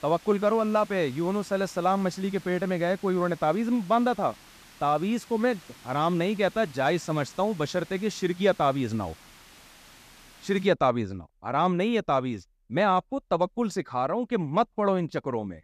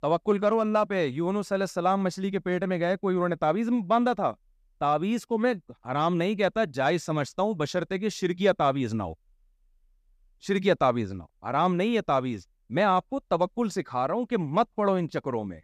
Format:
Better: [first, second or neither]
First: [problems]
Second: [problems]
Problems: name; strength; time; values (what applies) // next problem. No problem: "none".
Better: second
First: hiss; faint; until 11 s; 25 dB below the speech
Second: none